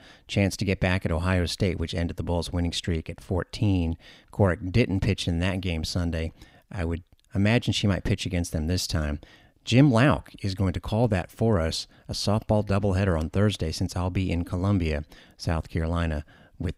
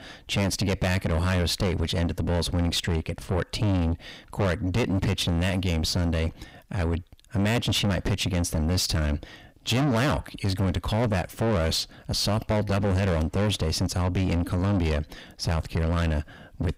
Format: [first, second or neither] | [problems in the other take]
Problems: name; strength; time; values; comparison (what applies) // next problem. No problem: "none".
first | distortion; heavy; 6 dB below the speech